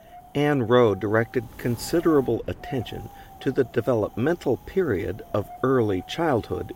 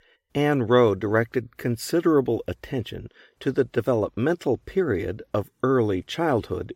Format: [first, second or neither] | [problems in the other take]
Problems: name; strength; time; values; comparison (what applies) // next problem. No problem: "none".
second | wind noise on the microphone; occasional gusts; 20 dB below the speech